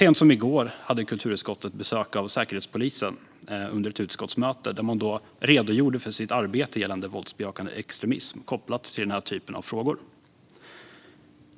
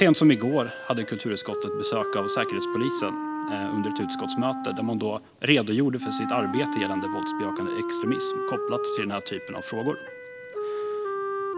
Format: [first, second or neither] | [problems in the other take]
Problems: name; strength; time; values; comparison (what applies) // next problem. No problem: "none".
first | background sound (Wind instrument, woodwind instrument); 4 dB below the speech